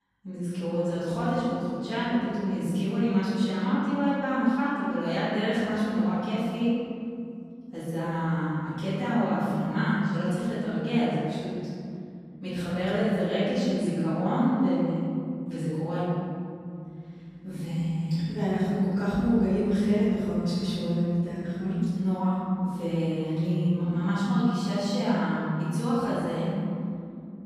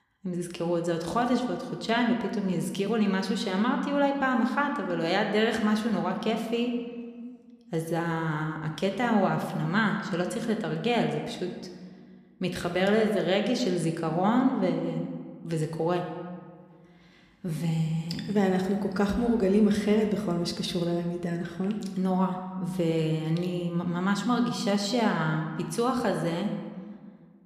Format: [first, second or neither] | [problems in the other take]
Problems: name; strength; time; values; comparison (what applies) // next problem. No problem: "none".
second | room echo; strong; dies away in 3 s; slight in the second // off-mic speech; far